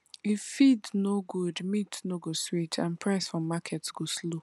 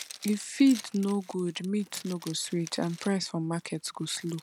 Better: first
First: none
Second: background sound (Zipper (clothing)); 18 dB below the speech

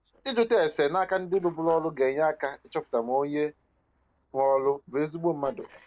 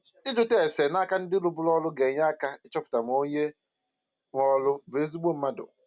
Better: second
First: noise reduction (neural separator model SepFormer DNS4)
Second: none

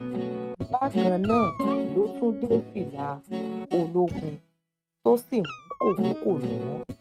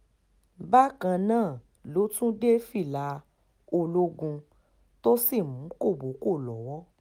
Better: second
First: noise reduction (neural mask model RNNoise)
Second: none

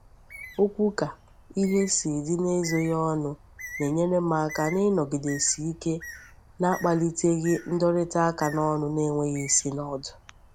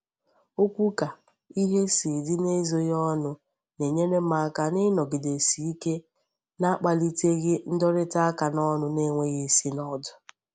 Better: second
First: background sound (Bird); 18 dB below the speech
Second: none

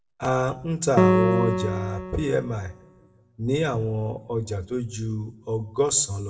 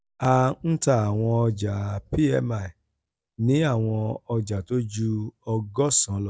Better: second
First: background sound (Piano); as loud as the speech // room echo; dies away in 0.6 s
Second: none

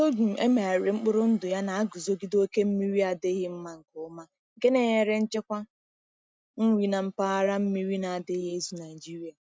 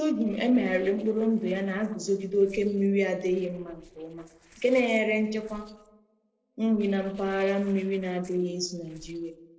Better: first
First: none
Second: noise reduction (neural separator model SepFormer DNS4)

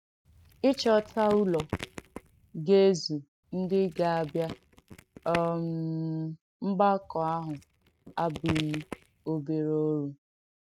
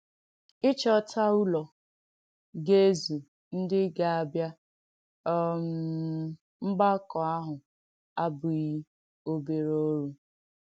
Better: second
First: noise reduction (neural mask model RNNoise)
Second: none

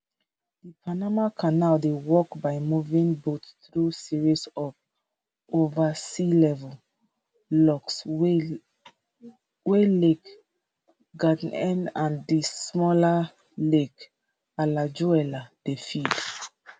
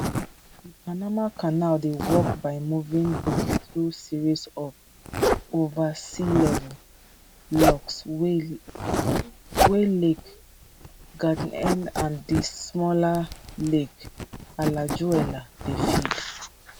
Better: first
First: none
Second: background sound (Zipper (clothing)); 3 dB below the speech

